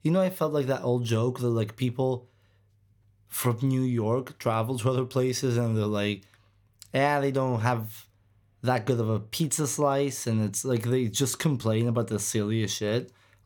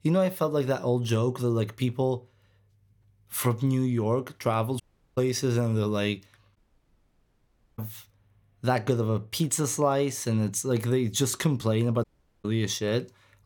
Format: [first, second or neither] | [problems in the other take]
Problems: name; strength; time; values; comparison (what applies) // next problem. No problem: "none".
first | audio cutting out; at 5 s, at 6.5 s for 1 s and at 12 s